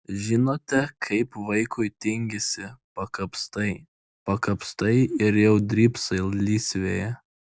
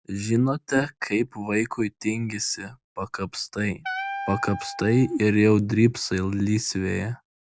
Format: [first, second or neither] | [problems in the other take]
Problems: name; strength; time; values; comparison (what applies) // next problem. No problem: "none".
first | background sound (Wind instrument, woodwind instrument); 10 dB below the speech